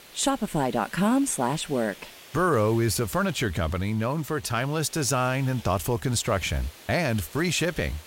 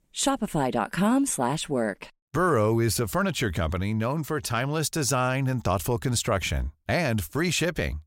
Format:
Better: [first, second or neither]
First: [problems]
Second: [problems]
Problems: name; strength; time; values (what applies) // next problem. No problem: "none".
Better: second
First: hiss; noticeable; throughout; 20 dB below the speech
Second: none